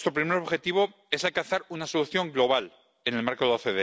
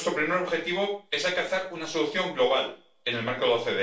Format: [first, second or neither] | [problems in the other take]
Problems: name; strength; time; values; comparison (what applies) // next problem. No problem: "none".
first | room echo; dies away in 0.3 s